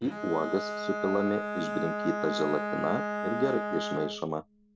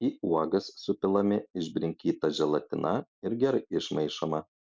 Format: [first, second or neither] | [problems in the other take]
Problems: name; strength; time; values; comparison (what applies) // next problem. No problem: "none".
second | background sound (Bowed string instrument); 2 dB below the speech